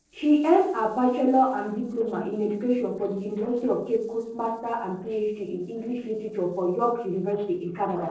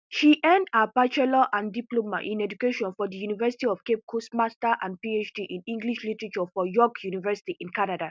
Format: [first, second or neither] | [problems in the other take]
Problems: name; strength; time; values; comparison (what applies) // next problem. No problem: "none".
second | noise reduction (neural separator model SepFormer DNS4)